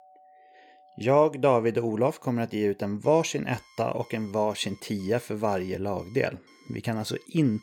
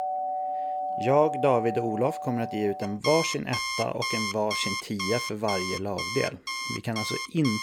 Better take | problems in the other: first | alarms or sirens; loud; throughout; 3 dB below the speech; faint in the first

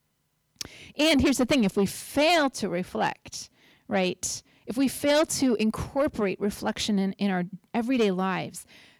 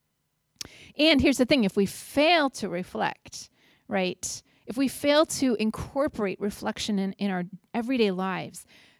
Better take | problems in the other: second | distortion; slight; 10 dB below the speech

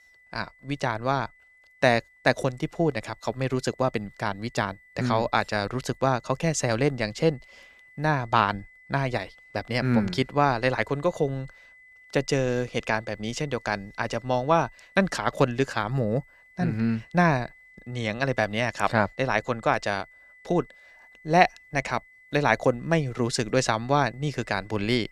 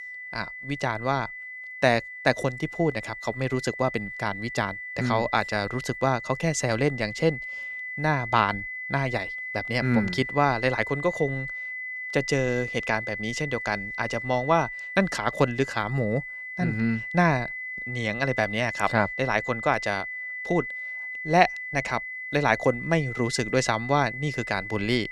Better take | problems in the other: first | high-pitched whine; loud; throughout; 2 kHz, 7 dB below the speech; faint in the first

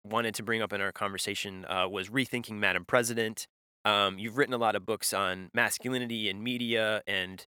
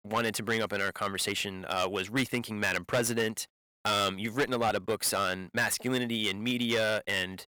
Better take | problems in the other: first | distortion; heavy; 7% of the sound clipped

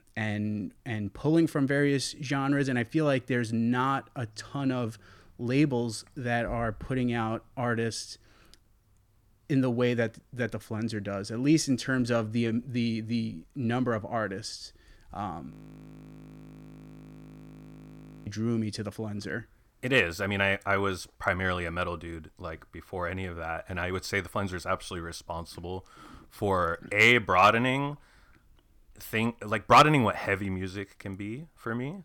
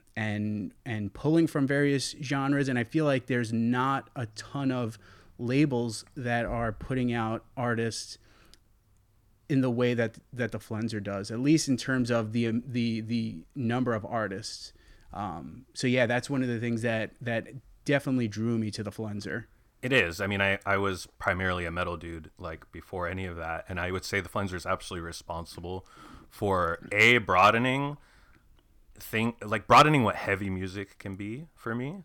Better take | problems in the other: second | audio freezing; at 16 s for 3 s

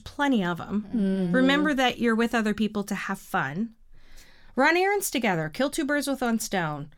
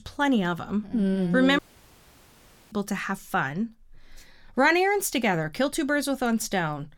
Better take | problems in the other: first | audio cutting out; at 1.5 s for 1 s

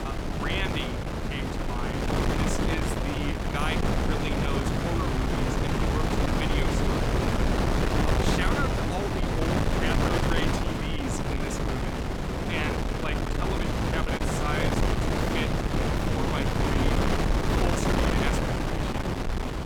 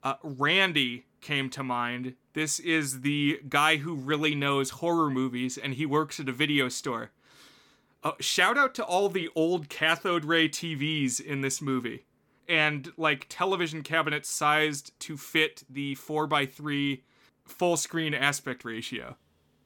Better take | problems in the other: second | wind noise on the microphone; heavy; 5 dB above the speech

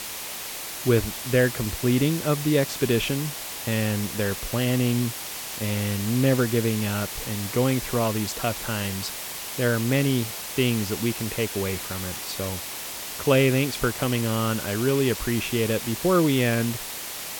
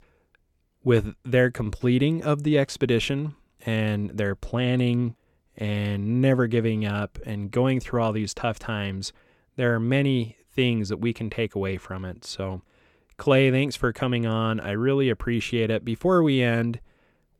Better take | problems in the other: second | hiss; loud; throughout; 6 dB below the speech

